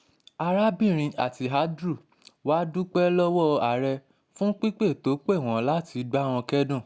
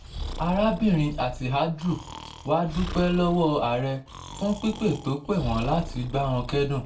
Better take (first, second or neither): first